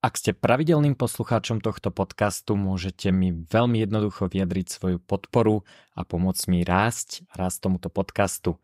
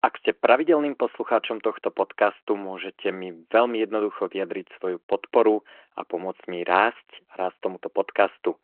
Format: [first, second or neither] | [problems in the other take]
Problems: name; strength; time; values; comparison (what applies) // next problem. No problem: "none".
first | phone-call audio